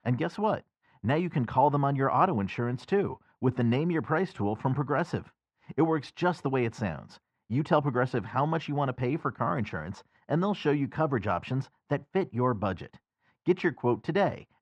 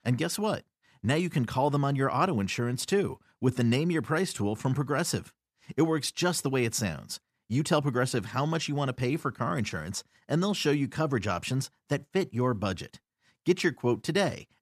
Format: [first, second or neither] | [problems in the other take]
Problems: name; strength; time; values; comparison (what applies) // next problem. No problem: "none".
second | muffled; very; fading above 2 kHz